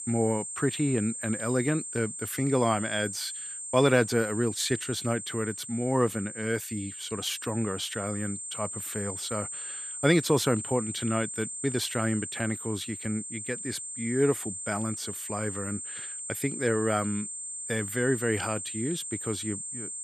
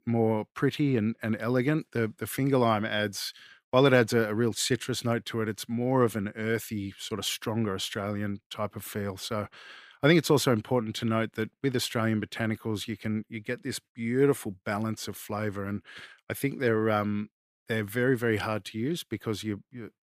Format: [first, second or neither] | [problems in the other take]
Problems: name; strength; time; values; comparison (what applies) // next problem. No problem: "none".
second | high-pitched whine; loud; throughout; 8.5 kHz, 6 dB below the speech